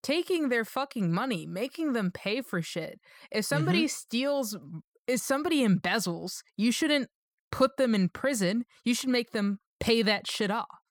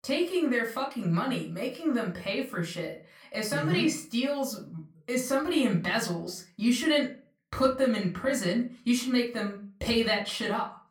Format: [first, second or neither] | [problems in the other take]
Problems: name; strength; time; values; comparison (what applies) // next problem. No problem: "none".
first | off-mic speech; far // room echo; very slight; dies away in 0.3 s